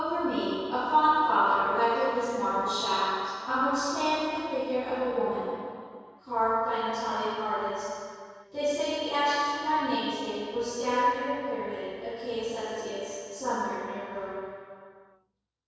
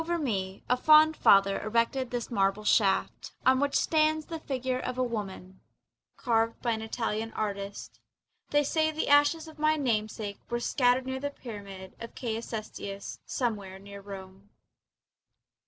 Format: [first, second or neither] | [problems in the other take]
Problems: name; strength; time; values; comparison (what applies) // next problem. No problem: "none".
second | room echo; dies away in 2.2 s